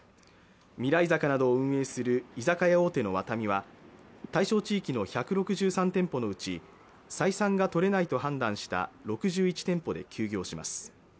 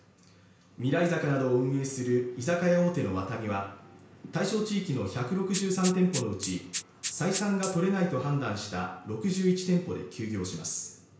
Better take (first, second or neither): first